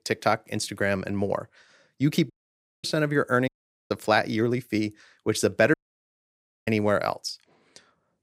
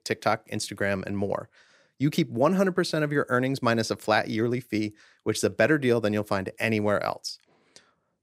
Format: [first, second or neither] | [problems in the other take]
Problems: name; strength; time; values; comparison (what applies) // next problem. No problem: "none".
second | audio cutting out; at 2.5 s for 0.5 s, at 3.5 s and at 5.5 s for 1 s